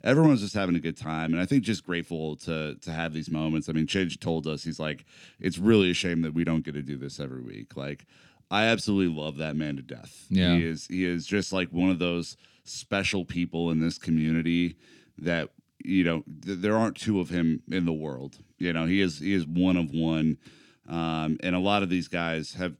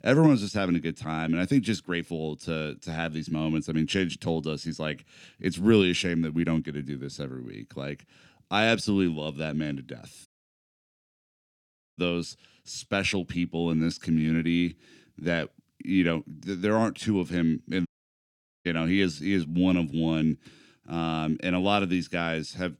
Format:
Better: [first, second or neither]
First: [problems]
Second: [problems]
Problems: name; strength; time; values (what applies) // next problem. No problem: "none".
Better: first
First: none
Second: audio cutting out; at 10 s for 1.5 s and at 18 s for 1 s